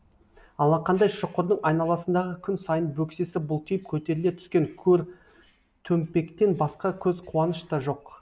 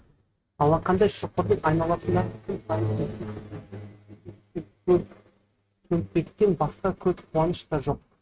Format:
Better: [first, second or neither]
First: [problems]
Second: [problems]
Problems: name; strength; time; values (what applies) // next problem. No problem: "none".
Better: first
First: none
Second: noise reduction (neural mask model RNNoise)